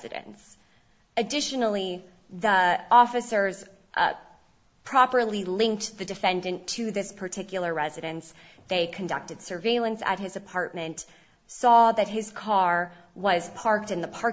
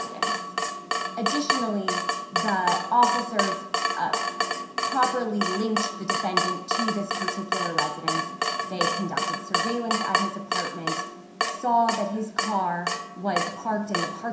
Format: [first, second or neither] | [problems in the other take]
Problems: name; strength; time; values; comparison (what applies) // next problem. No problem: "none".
first | background sound (Drip / Water tap, faucet); 1 dB above the speech // room echo; dies away in 0.7 s